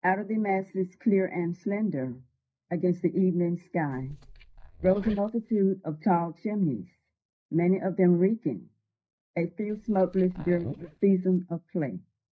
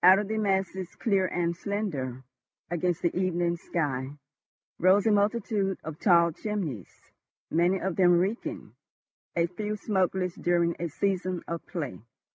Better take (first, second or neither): second